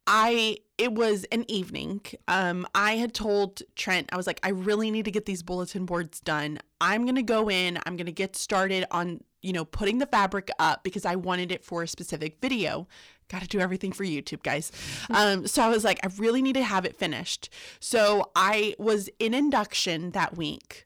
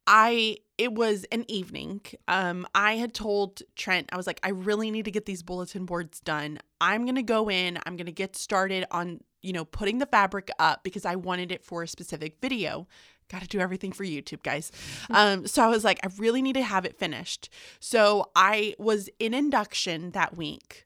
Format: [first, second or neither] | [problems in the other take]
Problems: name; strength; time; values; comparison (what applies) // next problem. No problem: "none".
second | distortion; slight; 10 dB below the speech